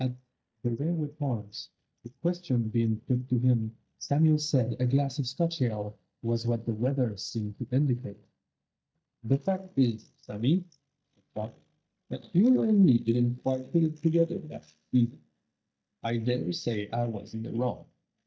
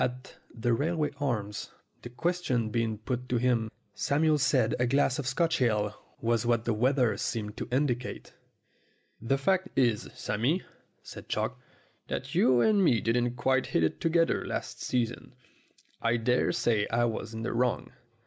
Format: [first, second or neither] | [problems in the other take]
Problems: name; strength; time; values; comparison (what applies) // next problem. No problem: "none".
second | noise reduction (neural mask model DeepFilterNet 3)